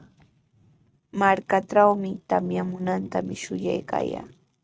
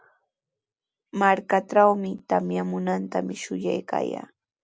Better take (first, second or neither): second